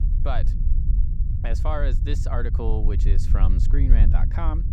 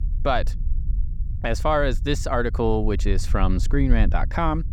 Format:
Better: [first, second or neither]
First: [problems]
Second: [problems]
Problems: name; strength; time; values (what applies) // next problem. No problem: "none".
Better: second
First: low rumble; loud; throughout; 8 dB below the speech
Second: low rumble; faint; throughout; 20 dB below the speech